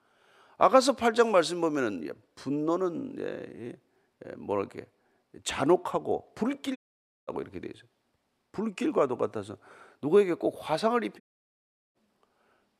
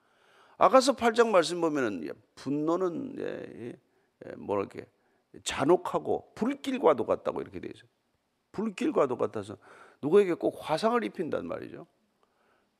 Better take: second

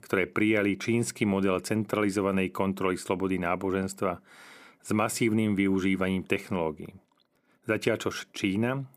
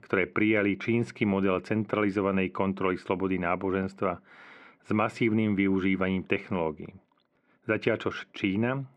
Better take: first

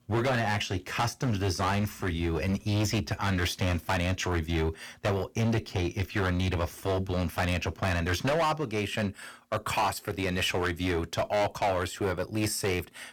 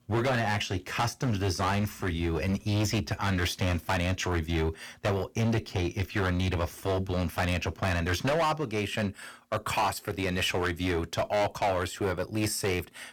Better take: neither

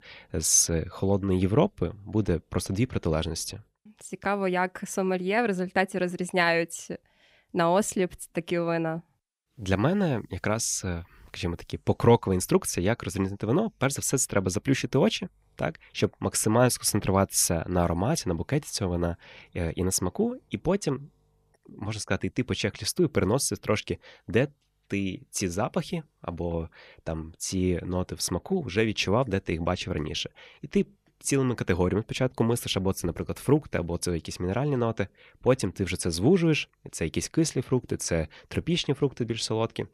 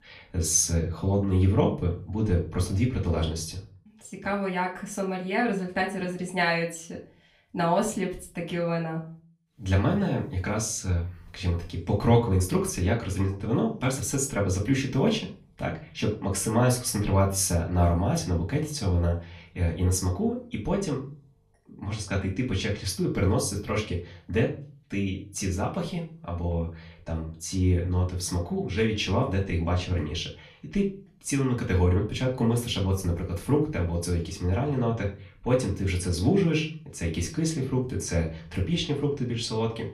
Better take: first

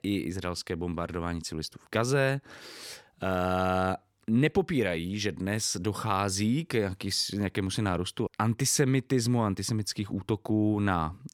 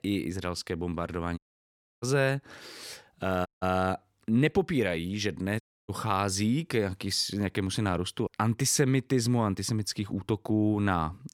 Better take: first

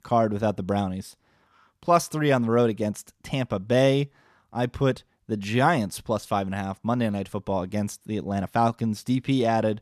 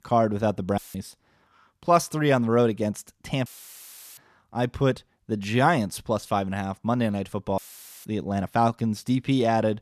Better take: first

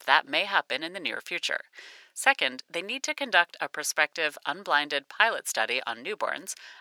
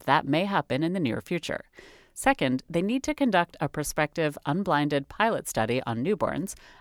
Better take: second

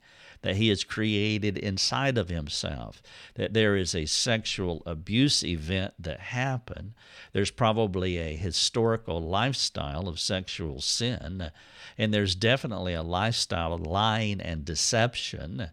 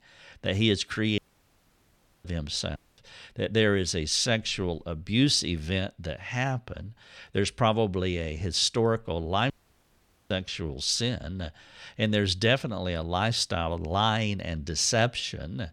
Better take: first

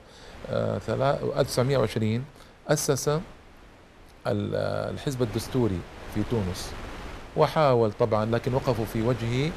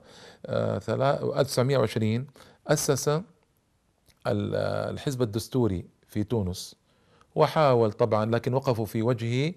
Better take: second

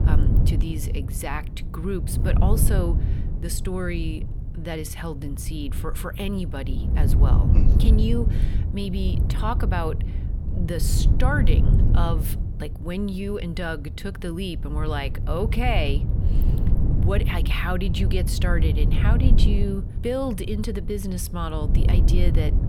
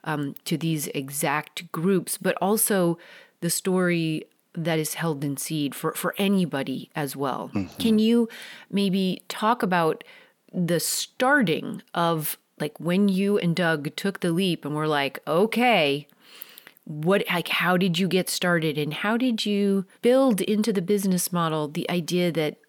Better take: second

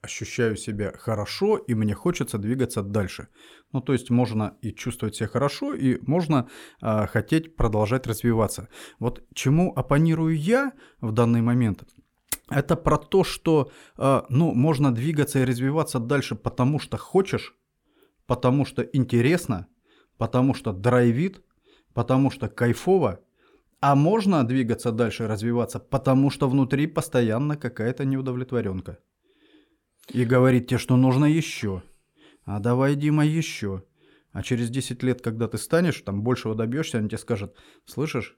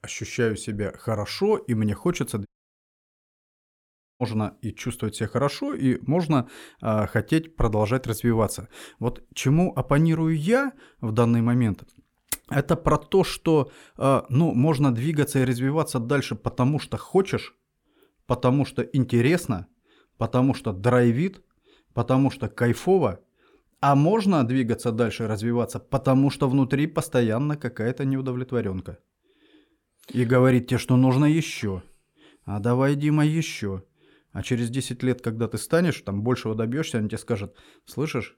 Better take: first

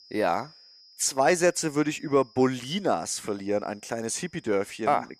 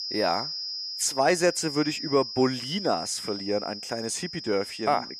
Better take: first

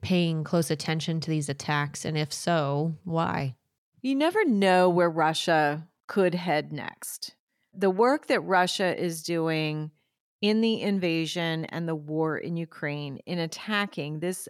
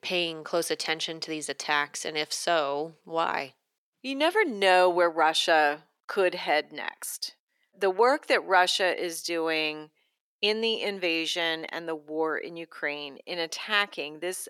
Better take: first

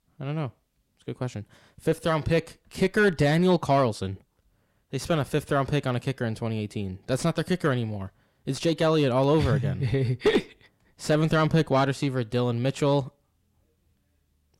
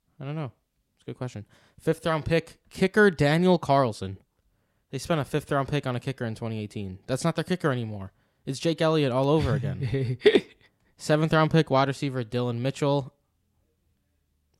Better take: second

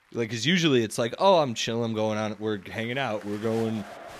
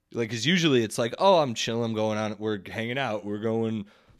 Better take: second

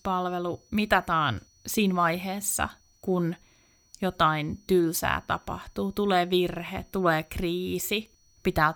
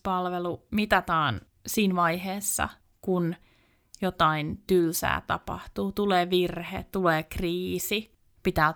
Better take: second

